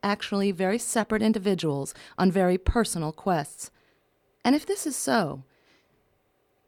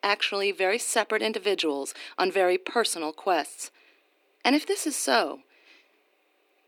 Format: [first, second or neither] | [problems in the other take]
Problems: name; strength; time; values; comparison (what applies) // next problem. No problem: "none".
first | thin; somewhat; fading below 300 Hz